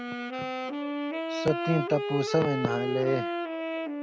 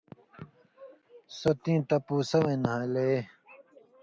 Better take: second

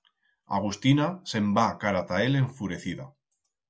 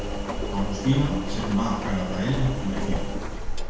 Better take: first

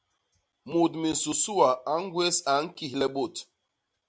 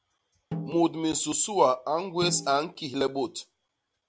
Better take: first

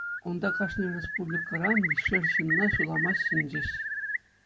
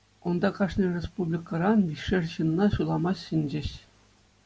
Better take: second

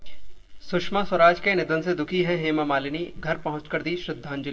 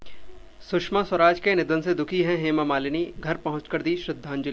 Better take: second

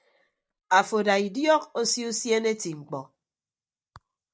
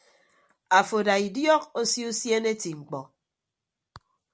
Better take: second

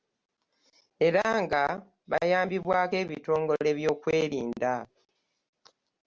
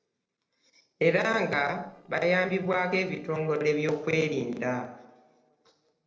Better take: first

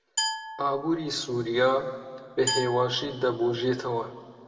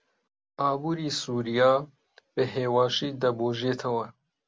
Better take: second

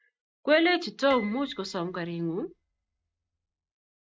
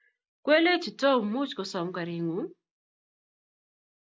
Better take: second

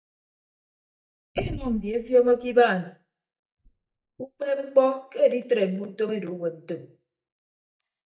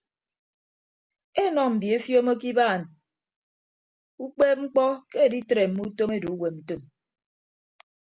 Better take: second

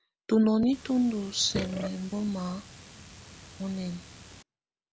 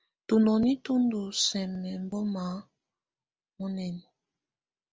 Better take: second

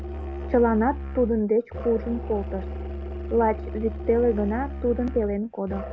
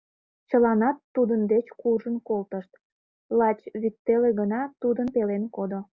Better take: second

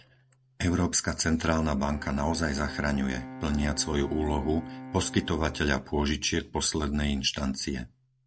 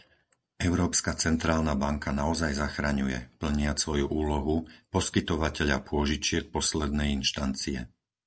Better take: second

